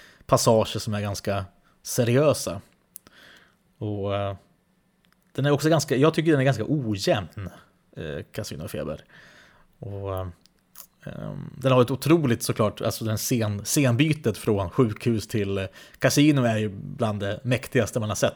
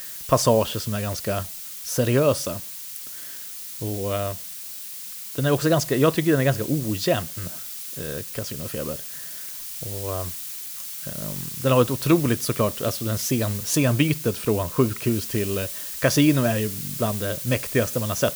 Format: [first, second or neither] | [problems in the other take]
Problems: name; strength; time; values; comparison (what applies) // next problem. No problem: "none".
first | hiss; loud; throughout; 8 dB below the speech